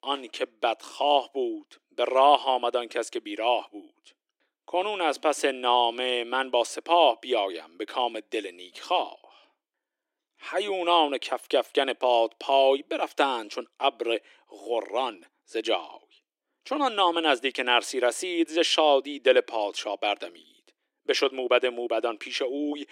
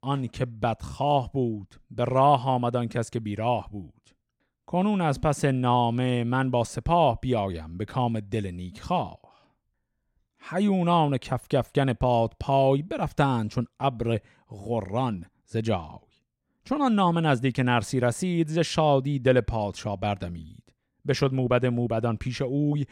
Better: second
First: thin; very; fading below 300 Hz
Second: none

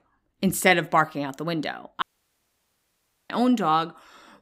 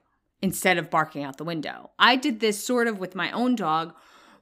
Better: second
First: audio cutting out; at 2 s for 1.5 s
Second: none

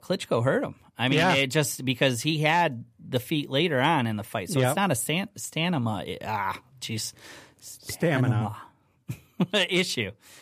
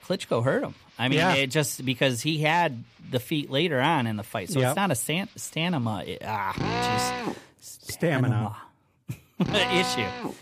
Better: first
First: none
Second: machinery noise; loud; throughout; 4 dB below the speech

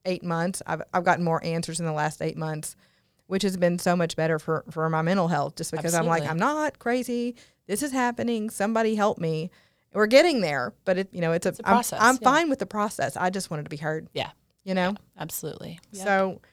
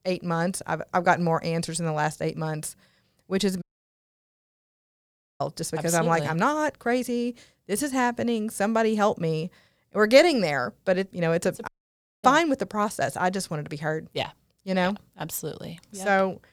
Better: first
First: none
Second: audio cutting out; at 3.5 s for 2 s and at 12 s for 0.5 s

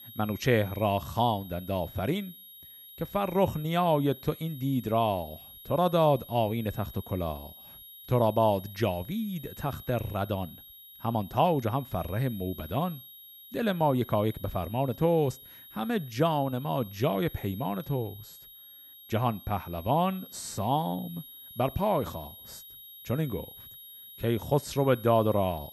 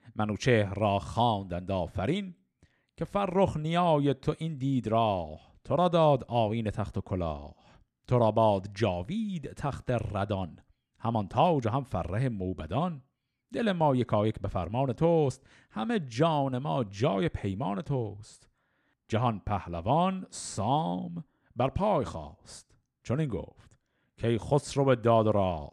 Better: second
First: high-pitched whine; noticeable; throughout; 11.5 kHz, 15 dB below the speech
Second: none

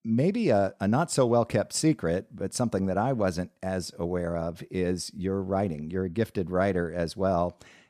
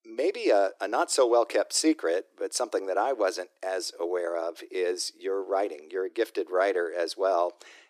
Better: first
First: none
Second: thin; very; fading below 300 Hz

